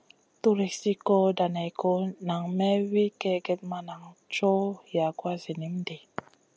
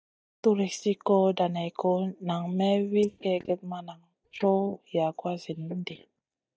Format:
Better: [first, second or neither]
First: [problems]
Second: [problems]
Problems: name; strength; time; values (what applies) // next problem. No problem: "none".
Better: first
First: none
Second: noise reduction (neural mask model DeepFilterNet 3)